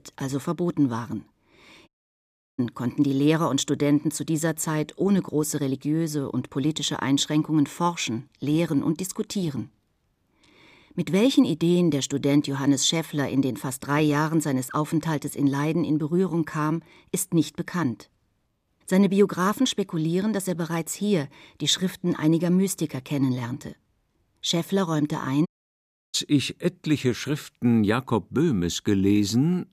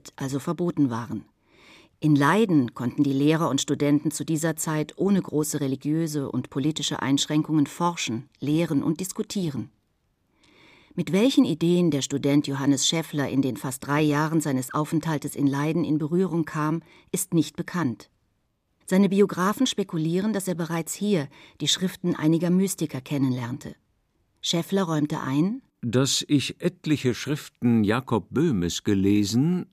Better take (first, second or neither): second